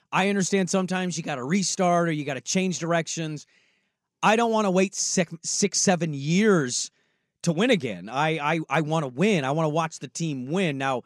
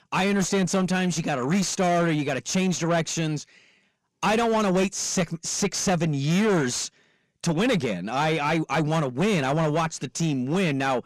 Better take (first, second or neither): first